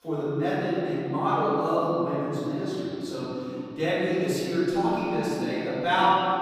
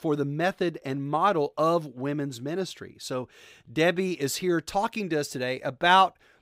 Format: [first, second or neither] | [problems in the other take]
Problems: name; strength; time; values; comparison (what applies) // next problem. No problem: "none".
second | off-mic speech; far // room echo; strong; dies away in 3 s